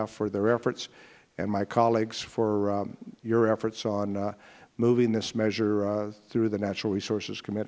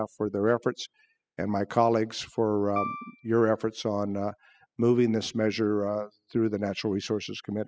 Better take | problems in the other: first | noise reduction (classical method spectral subtraction)

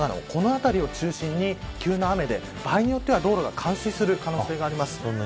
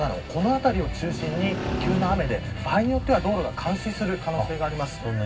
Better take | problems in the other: first | background sound (Motorcycle); 8 dB below the speech // room echo; dies away in 0.4 s

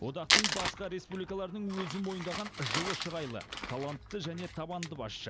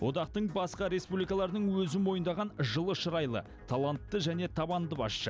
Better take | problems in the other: second | background sound (Crumpling, crinkling); 1 dB above the speech

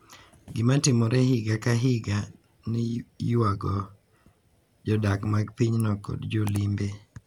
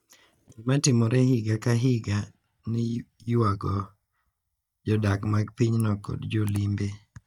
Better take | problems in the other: first | noise reduction (neural mask model DeepFilterNet 3)

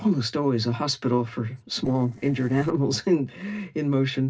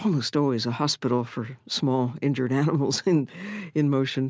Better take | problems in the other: second | noise reduction (neural separator model SepFormer DNS4)

